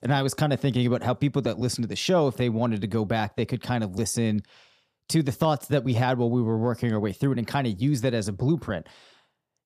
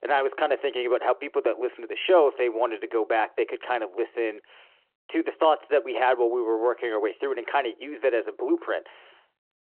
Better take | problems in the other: first | phone-call audio

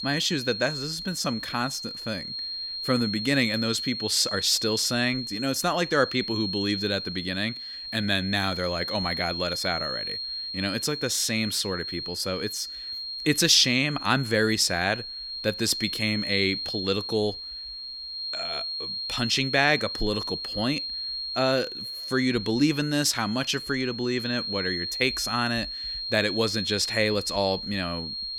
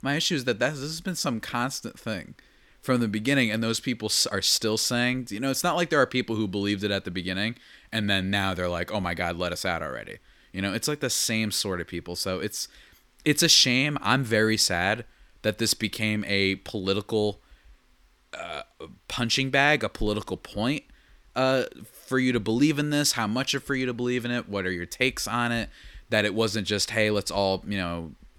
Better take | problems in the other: second | high-pitched whine; loud; throughout; 4 kHz, 5 dB below the speech

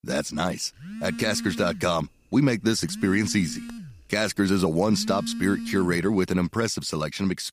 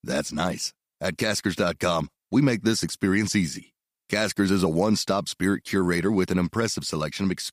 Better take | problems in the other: second | phone ringing; noticeable; from 1 to 6 s; peak 7 dB below the speech

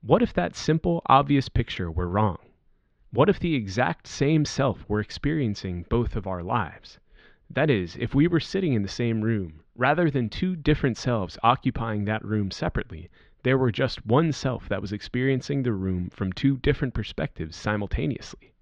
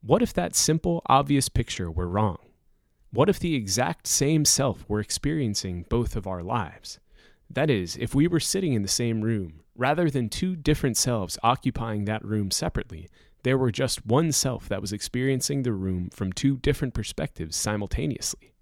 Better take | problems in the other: second | muffled; slightly; fading above 4 kHz

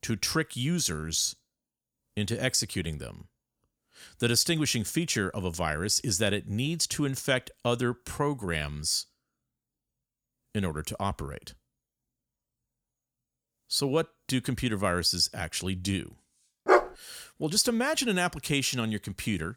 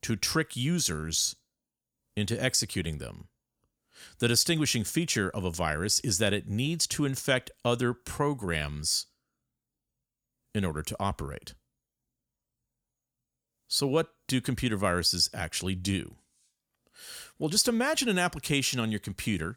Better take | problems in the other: second | dog barking; loud; at 17 s; peak 5 dB above the speech

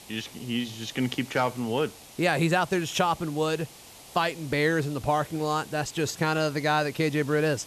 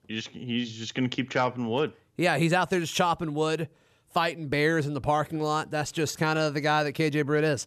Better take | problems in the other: second | hiss; noticeable; throughout; 20 dB below the speech

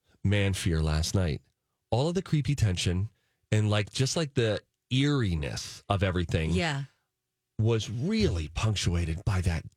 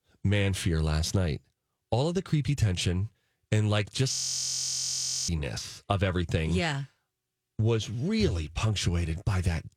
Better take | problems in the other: first | audio freezing; at 4 s for 1 s

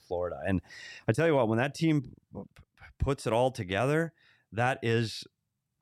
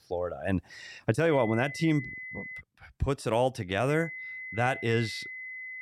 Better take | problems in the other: first | high-pitched whine; loud; from 1.5 to 2.5 s and from 4 s on; 2 kHz, 10 dB below the speech

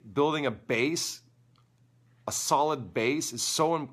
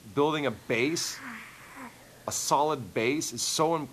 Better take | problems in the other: first | hiss; noticeable; throughout; 20 dB below the speech

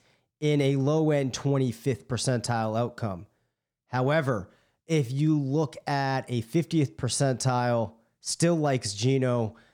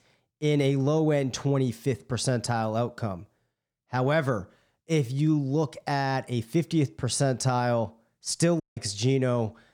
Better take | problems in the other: first | audio cutting out; at 8.5 s

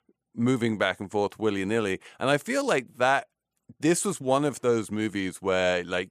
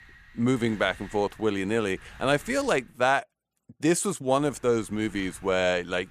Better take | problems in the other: first | wind noise on the microphone; occasional gusts; until 3 s and from 4.5 s on; 25 dB below the speech

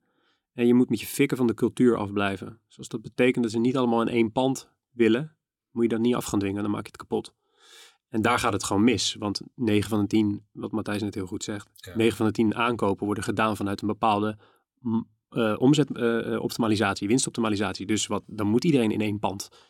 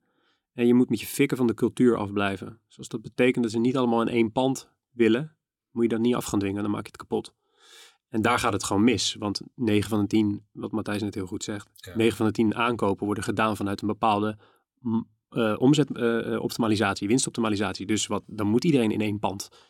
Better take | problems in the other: neither | none

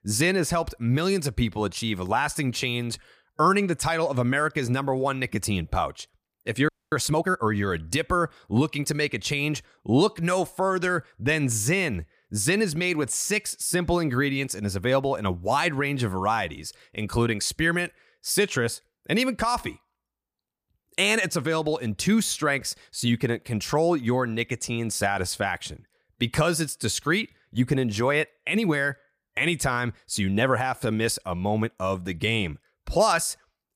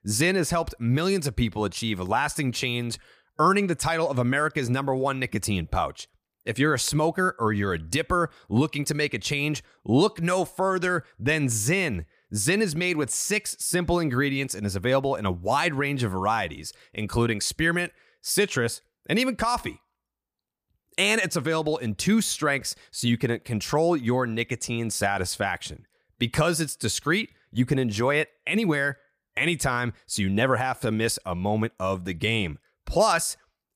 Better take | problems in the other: second | audio freezing; at 6.5 s

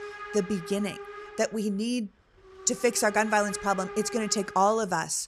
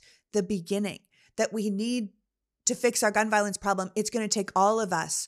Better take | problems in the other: second | hiss; noticeable; throughout; 15 dB below the speech

